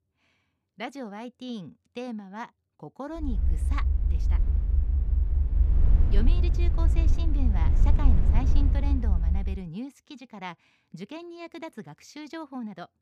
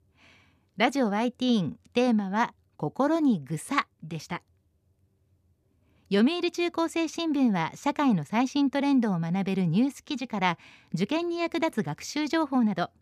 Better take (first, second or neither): second